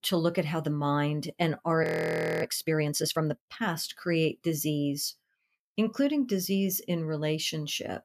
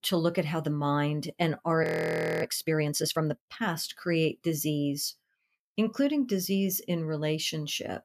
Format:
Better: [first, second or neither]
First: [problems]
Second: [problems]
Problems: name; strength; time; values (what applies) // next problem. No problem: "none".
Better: neither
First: audio freezing; at 2 s for 0.5 s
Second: audio freezing; at 2 s for 0.5 s